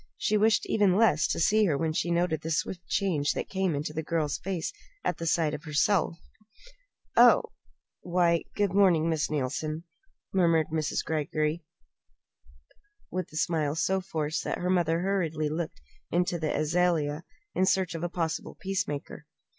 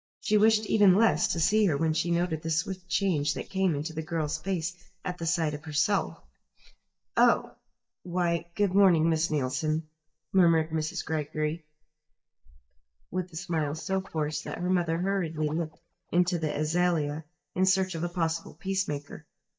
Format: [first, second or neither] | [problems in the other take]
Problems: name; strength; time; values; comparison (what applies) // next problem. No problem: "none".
first | noise reduction (neural mask model DeepFilterNet 3)